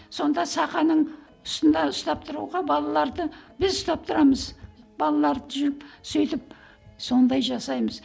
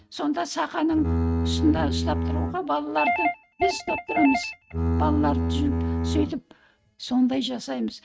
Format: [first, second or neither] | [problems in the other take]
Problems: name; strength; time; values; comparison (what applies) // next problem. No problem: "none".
first | noise reduction (neural mask model RNNoise)